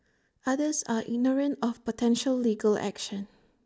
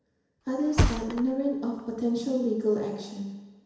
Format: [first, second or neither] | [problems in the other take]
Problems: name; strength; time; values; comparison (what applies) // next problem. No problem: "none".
first | background sound (Thump, thud); 2 dB below the speech // room echo; dies away in 1 s